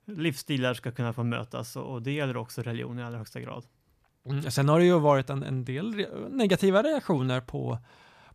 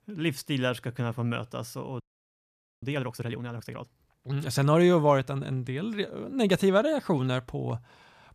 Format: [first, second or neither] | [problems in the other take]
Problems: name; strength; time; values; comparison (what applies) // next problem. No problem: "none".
first | audio freezing; at 2 s for 1 s